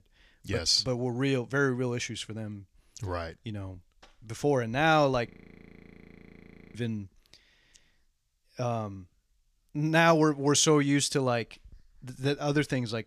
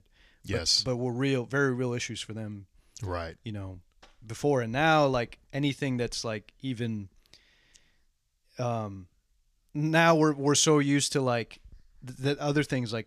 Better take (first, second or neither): second